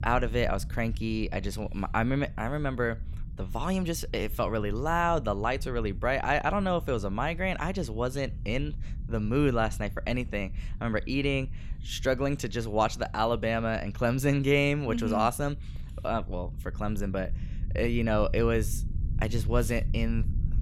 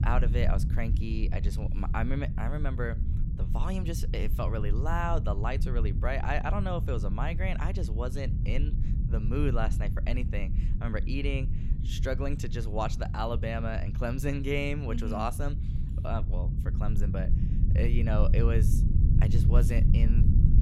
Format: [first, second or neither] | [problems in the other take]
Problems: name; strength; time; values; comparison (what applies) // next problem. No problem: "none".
first | low rumble; loud; throughout; 8 dB below the speech; faint in the first